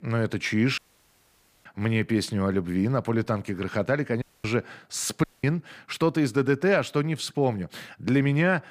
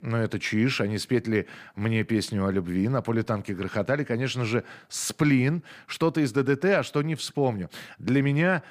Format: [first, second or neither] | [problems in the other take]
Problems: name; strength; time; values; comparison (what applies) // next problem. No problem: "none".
second | audio cutting out; at 1 s for 1 s, at 4 s and at 5 s